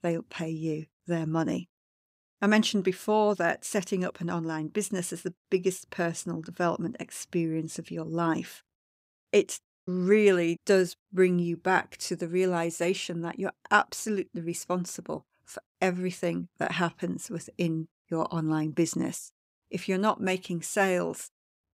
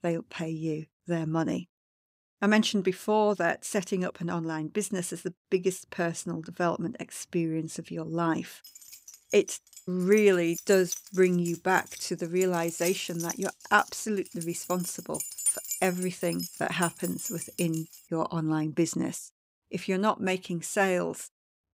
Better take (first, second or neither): first